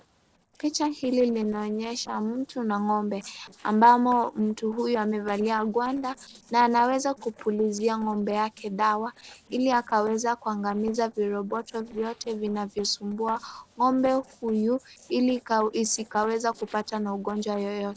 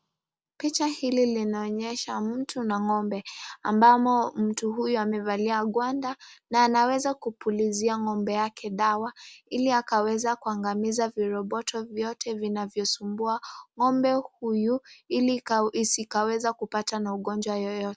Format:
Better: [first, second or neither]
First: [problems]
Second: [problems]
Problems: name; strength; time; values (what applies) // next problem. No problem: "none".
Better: second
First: noise reduction (neural separator model SepFormer DNS4)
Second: none